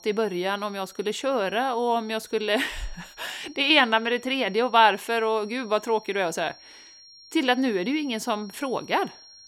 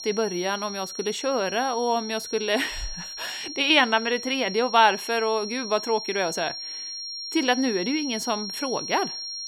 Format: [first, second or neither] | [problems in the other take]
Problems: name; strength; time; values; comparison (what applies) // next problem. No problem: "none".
first | high-pitched whine; loud; throughout; 5.5 kHz, 8 dB below the speech; faint in the first